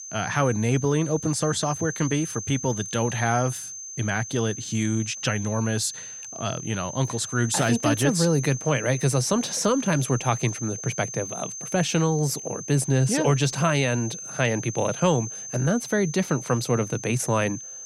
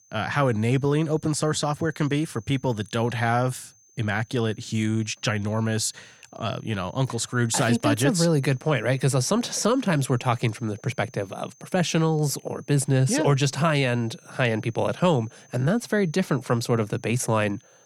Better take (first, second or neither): second